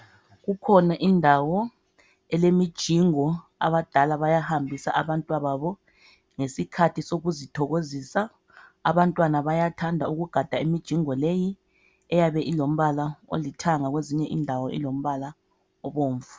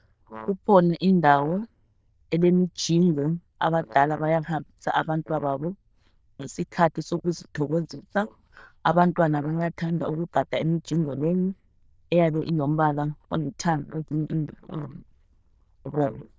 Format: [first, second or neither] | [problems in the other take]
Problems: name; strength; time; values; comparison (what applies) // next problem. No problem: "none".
first | noise reduction (neural diffusion model UNIVERSE++)